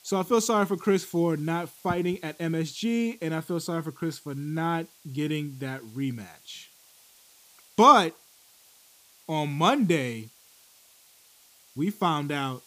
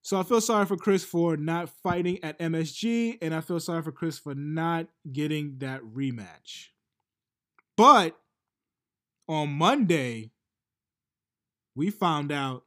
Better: second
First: hiss; faint; throughout; 25 dB below the speech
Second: none

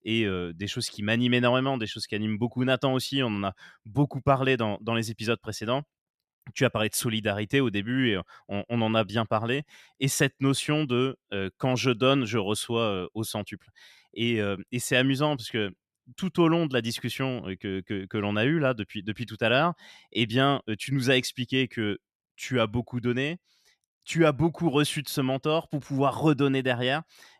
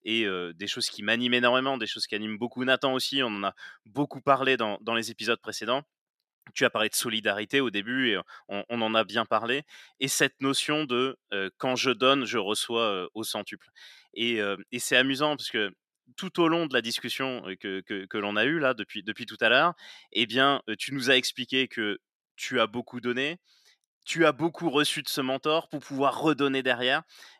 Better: first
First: none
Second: thin; very slightly; fading below 250 Hz

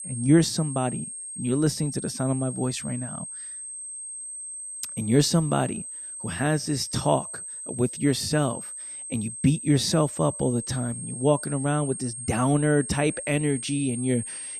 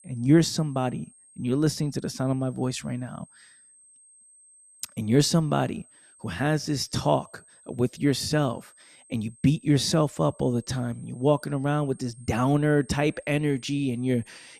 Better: second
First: high-pitched whine; loud; throughout; 8.5 kHz, 8 dB below the speech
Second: high-pitched whine; faint; throughout; 8.5 kHz, 25 dB below the speech

